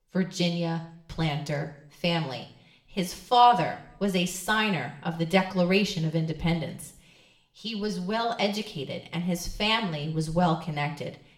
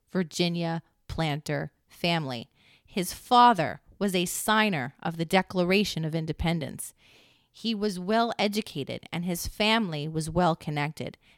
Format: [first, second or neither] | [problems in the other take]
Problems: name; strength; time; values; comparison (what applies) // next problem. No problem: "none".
second | room echo; slight; dies away in 0.6 s // off-mic speech; somewhat distant